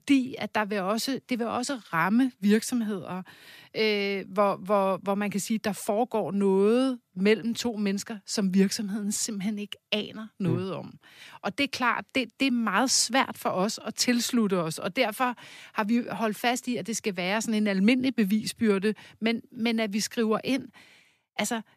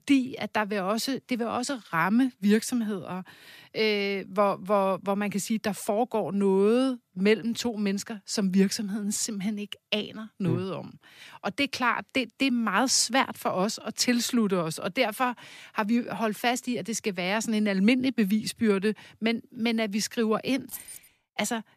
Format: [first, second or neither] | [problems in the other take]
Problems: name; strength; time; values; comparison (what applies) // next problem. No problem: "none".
first | jangling keys; faint; at 21 s; peak 10 dB below the speech